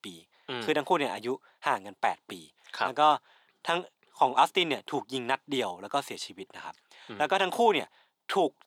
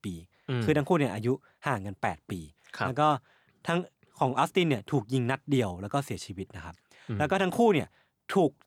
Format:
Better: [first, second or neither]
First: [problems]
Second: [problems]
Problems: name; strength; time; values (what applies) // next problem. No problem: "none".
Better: second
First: thin; somewhat; fading below 350 Hz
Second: none